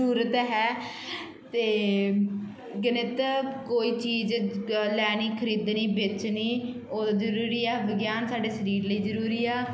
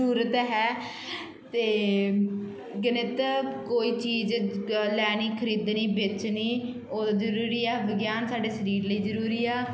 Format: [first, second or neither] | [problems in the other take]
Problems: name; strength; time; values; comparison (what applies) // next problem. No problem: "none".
first | background sound (Telephone); 14 dB below the speech